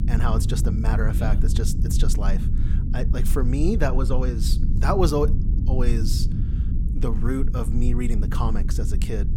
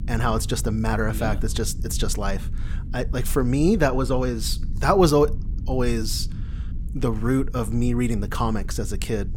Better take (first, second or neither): second